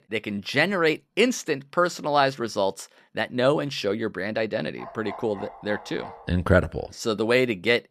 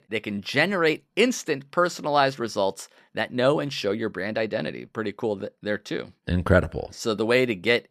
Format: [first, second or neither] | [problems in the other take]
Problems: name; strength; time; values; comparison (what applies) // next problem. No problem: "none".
second | dog barking; faint; from 5 to 6.5 s; peak 15 dB below the speech